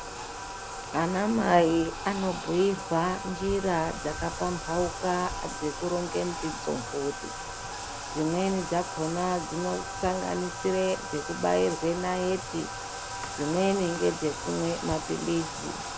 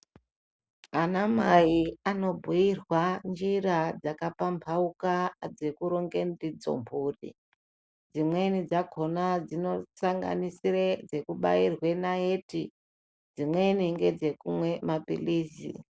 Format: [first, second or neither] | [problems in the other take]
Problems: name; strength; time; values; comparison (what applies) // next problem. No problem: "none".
second | background sound (Bathtub (filling or washing)); 7 dB below the speech